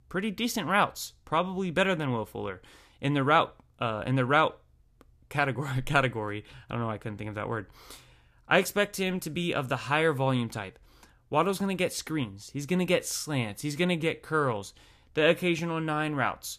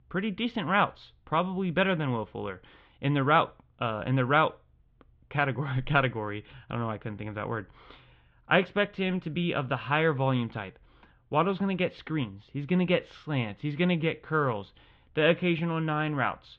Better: first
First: none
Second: muffled; very; fading above 3.5 kHz

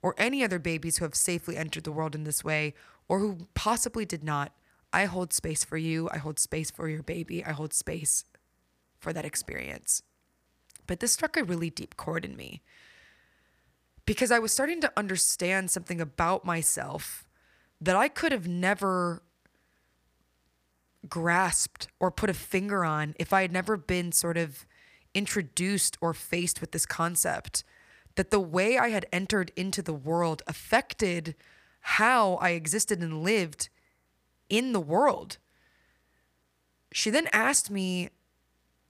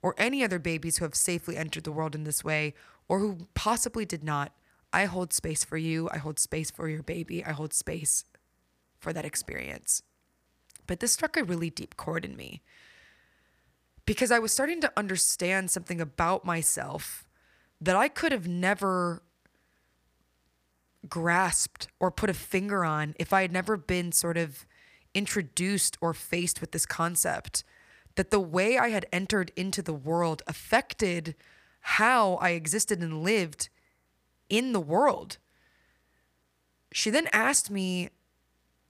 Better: neither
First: none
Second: none

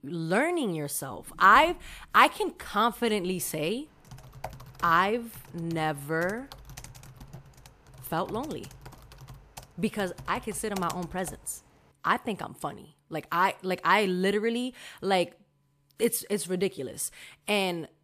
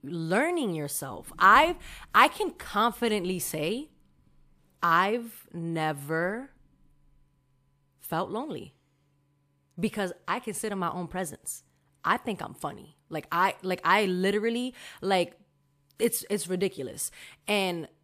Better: second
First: keyboard typing; faint; from 4 to 11 s; peak 15 dB below the speech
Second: none

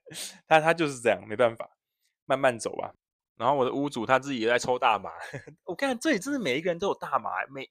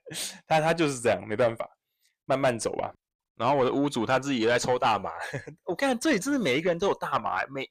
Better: first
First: none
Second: distortion; heavy; 8 dB below the speech

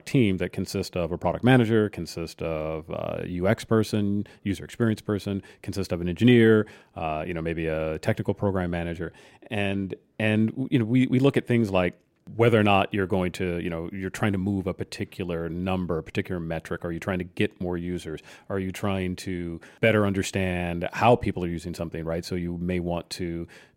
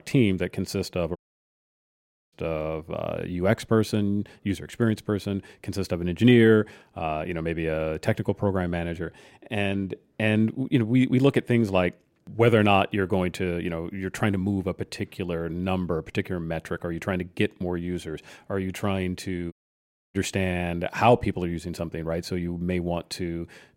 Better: first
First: none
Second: audio cutting out; at 1 s for 1 s and at 20 s for 0.5 s

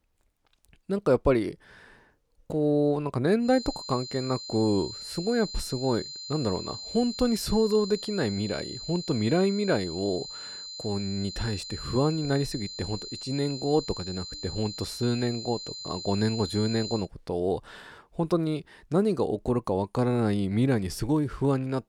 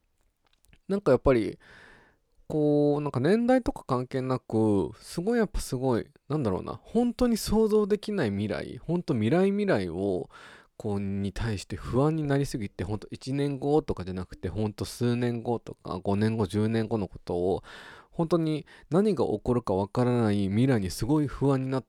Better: second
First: high-pitched whine; loud; from 3.5 to 17 s; 4 kHz, 9 dB below the speech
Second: none

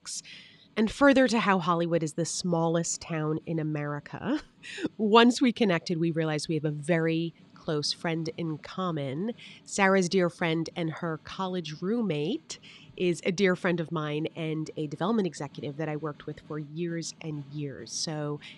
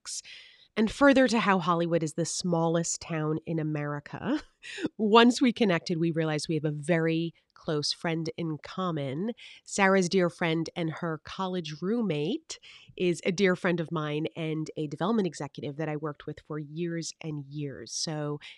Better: second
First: background music; faint; throughout; 30 dB below the speech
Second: none

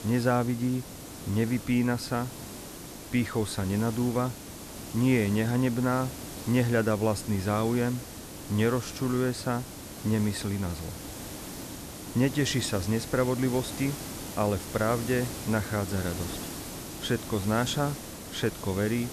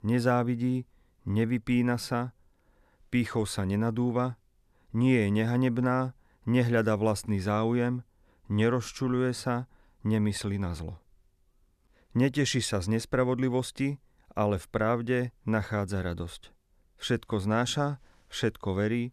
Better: second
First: hiss; noticeable; throughout; 10 dB below the speech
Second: none

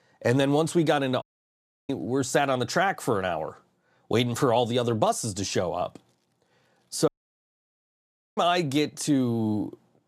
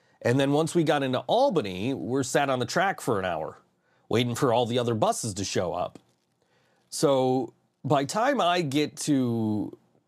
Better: second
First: audio cutting out; at 1 s for 0.5 s and at 7 s for 1.5 s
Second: none

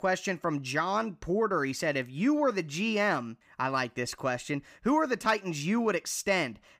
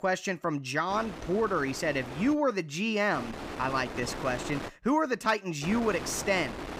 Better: first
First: none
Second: wind noise on the microphone; occasional gusts; from 1 to 2.5 s, from 3 to 4.5 s and from 5.5 s on; 10 dB below the speech

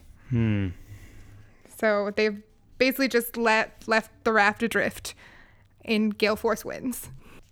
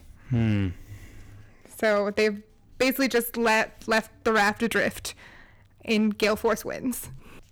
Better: first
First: none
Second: distortion; slight; 5% of the sound clipped

